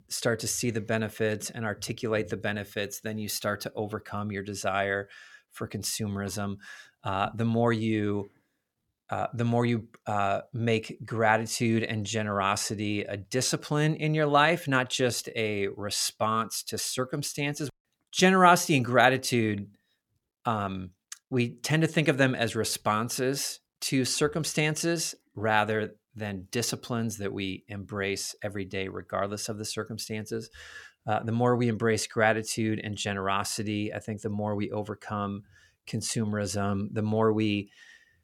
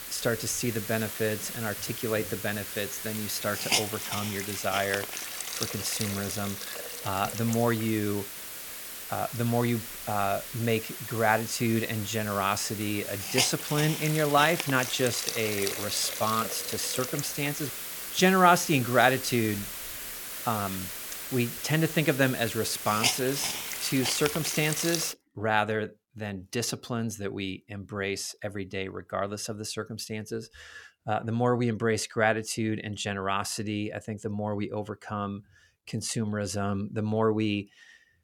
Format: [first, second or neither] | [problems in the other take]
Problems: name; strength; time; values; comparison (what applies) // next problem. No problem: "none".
first | hiss; loud; until 25 s; 4 dB below the speech